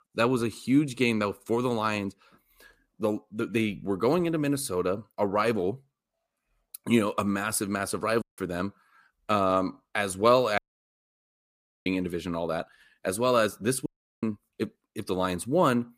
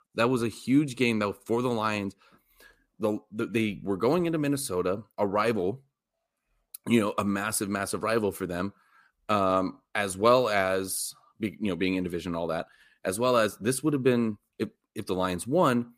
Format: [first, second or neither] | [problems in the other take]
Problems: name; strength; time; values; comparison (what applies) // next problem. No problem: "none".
second | audio cutting out; at 8 s, at 11 s for 1.5 s and at 14 s